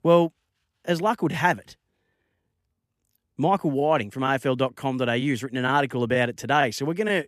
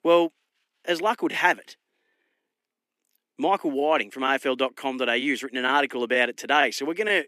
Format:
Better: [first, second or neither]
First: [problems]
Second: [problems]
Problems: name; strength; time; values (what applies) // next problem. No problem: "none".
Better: first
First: none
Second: thin; very slightly; fading below 300 Hz